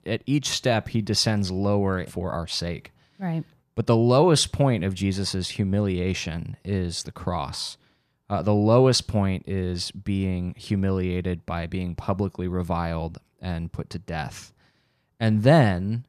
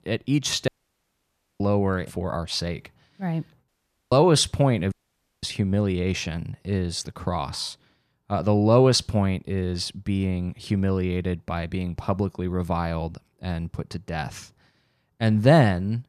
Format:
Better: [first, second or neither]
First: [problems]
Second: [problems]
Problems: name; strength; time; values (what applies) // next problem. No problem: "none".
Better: first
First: none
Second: audio cutting out; at 0.5 s for 1 s, at 3.5 s and at 5 s for 0.5 s